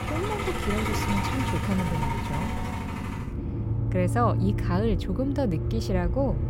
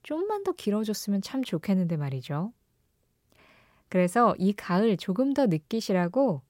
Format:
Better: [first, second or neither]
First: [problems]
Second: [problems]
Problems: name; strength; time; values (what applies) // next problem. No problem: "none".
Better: second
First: traffic noise; very loud; throughout; 1 dB above the speech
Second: none